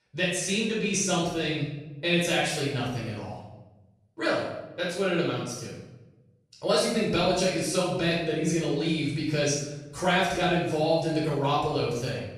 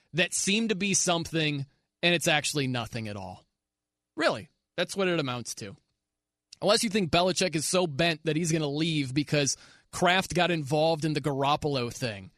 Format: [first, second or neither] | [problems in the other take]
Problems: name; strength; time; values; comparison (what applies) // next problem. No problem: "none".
second | off-mic speech; far // room echo; noticeable; dies away in 0.8 s